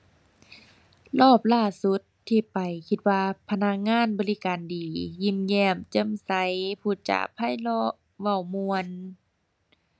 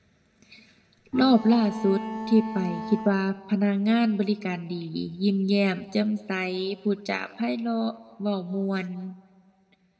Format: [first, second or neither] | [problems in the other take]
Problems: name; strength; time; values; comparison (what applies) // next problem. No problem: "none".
first | background sound (Bowed string instrument); 9 dB below the speech // room echo; dies away in 1.4 s